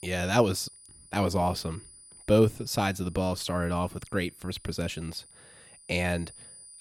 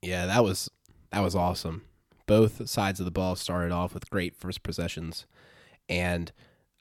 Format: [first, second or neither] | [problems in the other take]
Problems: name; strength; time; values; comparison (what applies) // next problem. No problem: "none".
second | high-pitched whine; faint; throughout; 9.5 kHz, 20 dB below the speech